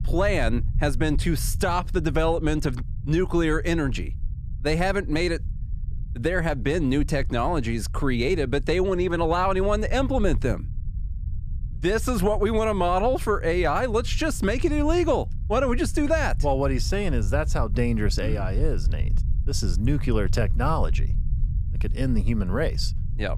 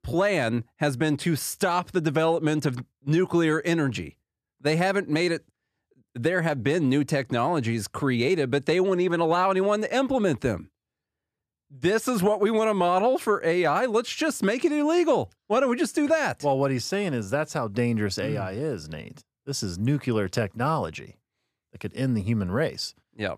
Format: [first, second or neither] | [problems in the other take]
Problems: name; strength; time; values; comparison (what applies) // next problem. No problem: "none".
second | low rumble; faint; throughout; 20 dB below the speech